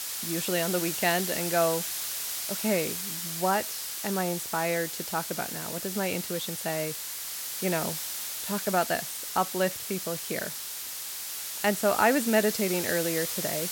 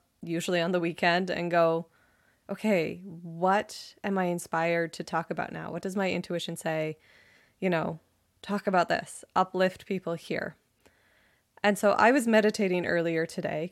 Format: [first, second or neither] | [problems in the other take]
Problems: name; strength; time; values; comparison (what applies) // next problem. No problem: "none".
second | hiss; loud; throughout; 2 dB below the speech